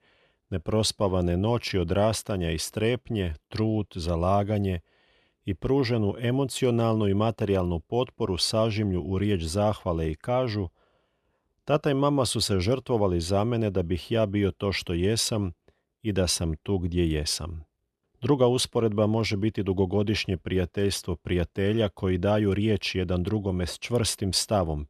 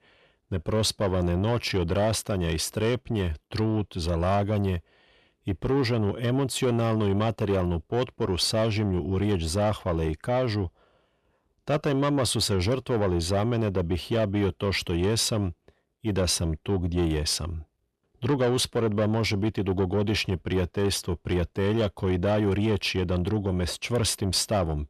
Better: first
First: none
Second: distortion; slight; 10 dB below the speech

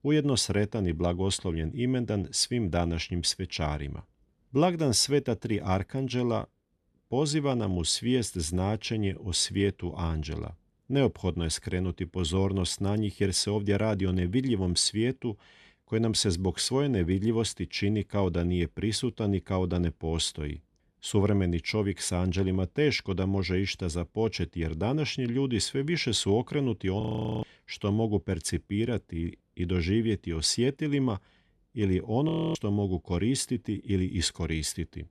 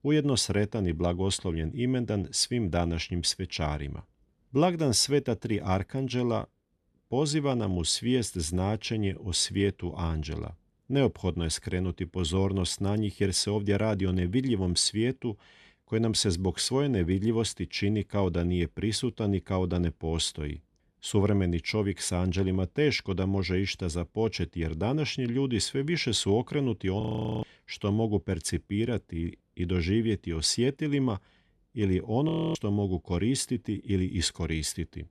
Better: neither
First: audio freezing; at 27 s and at 32 s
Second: audio freezing; at 27 s and at 32 s

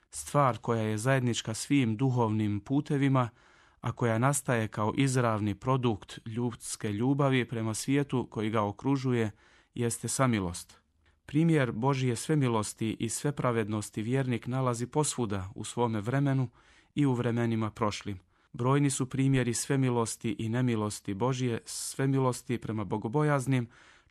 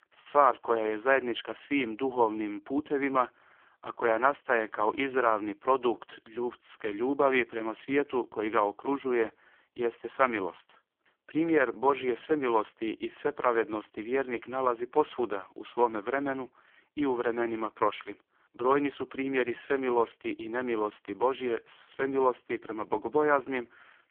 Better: first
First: none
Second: phone-call audio; poor line; nothing above 3.5 kHz

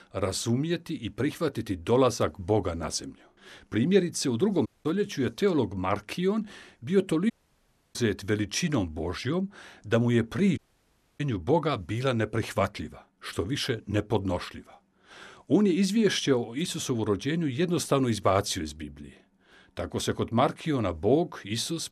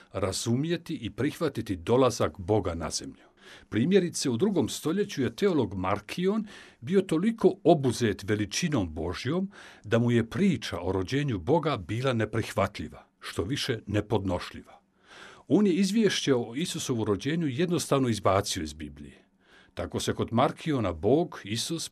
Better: second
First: audio cutting out; at 4.5 s, at 7.5 s for 0.5 s and at 11 s for 0.5 s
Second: none

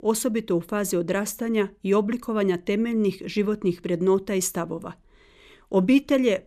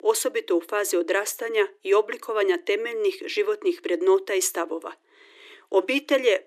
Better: first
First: none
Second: thin; very; fading below 300 Hz

